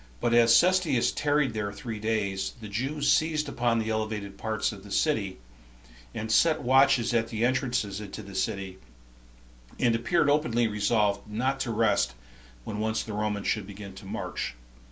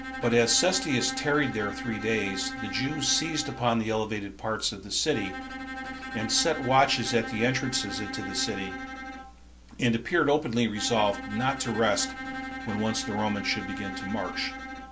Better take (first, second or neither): first